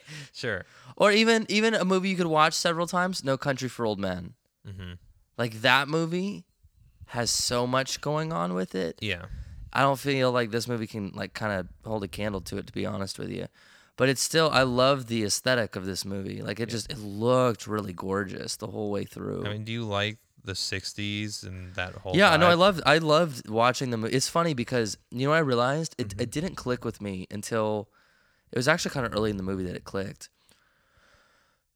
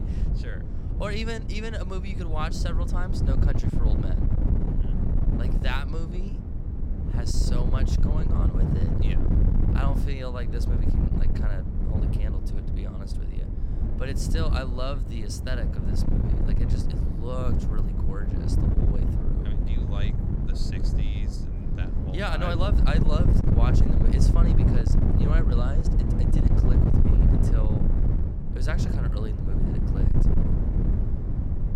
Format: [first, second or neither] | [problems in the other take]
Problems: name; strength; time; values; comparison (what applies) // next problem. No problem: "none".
first | wind noise on the microphone; heavy; 1 dB below the speech